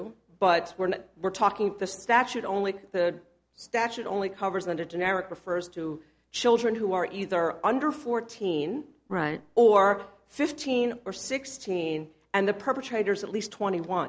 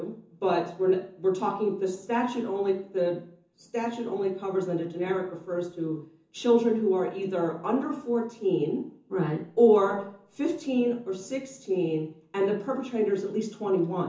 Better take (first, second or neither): first